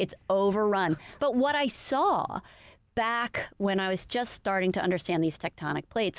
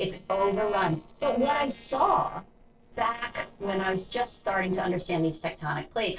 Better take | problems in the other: first | noise reduction (neural separator model SepFormer DNS4)

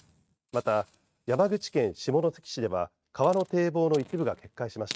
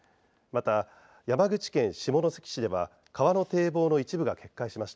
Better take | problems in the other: second | noise reduction (neural mask model RNNoise)

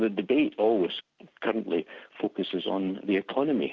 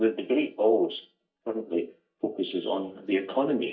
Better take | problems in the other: first | noise reduction (neural mask model DeepFilterNet 3)

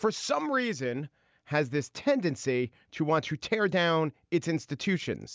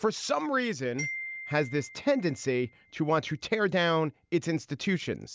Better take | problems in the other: first | background sound (Glockenspiel); 14 dB below the speech

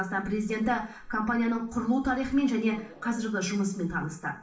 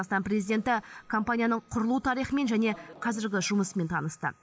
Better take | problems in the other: second | room echo; dies away in 0.4 s

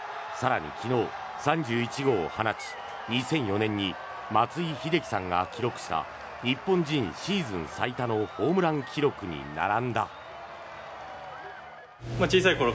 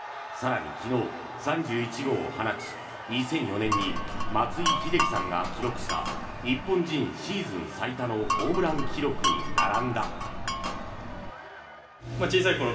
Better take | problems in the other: first | background sound (Glass); as loud as the speech // room echo; dies away in 2.5 s

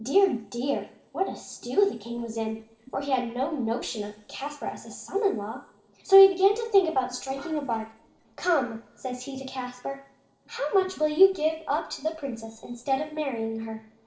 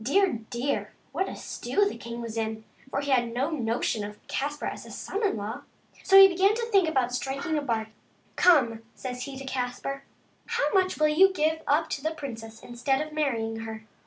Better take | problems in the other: second | noise reduction (neural separator model SepFormer DNS4)

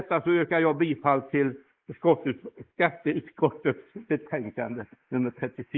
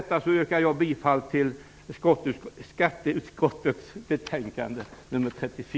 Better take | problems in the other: second | noise reduction (neural mask model Resemble Enhance denoiser)

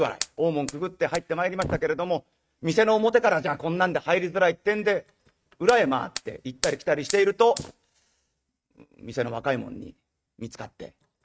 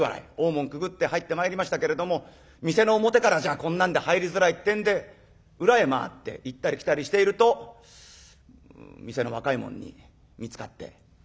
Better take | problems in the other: second | noise reduction (neural mask model RNNoise)

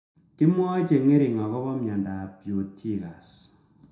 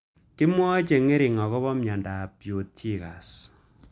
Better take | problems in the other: second | room echo; dies away in 0.5 s

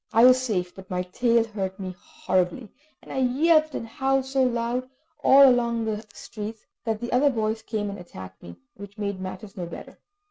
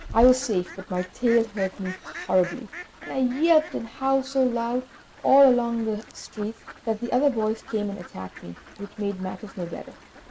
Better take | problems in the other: first | background sound (Fowl); 16 dB below the speech

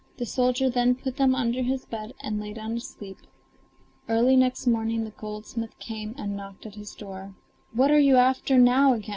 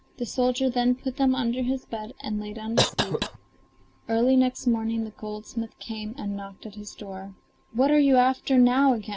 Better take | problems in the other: first | background sound (Cough); 5 dB below the speech

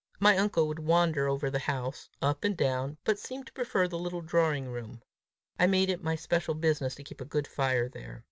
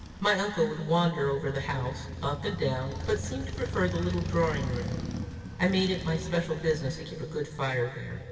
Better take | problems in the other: first | background sound (Motorcycle); 7 dB below the speech // room echo; dies away in 2.4 s

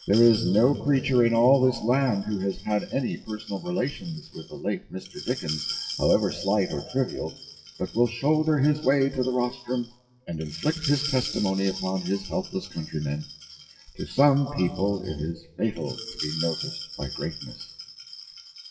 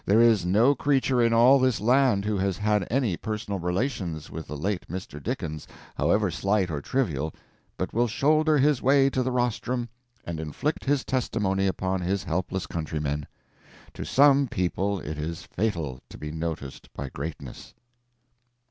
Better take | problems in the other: second | noise reduction (classical method WPE with log-MMSE)

